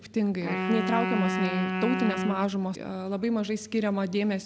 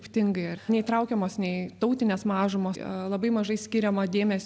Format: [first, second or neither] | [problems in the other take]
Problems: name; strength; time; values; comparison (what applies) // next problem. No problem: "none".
second | background sound (Wind instrument, woodwind instrument); 3 dB below the speech